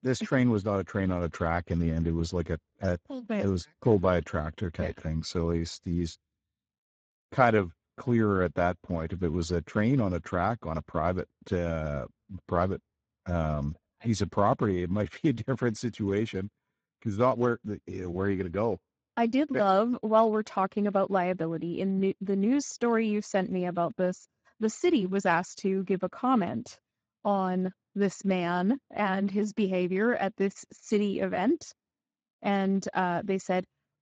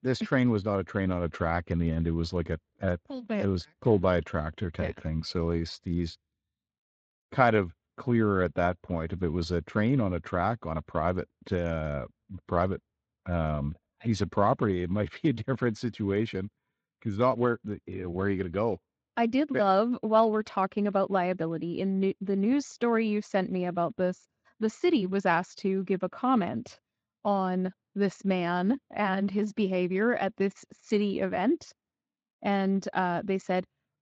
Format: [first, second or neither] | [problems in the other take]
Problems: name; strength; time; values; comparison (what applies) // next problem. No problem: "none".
second | garbled, watery; badly; nothing above 7.5 kHz; slightly in the second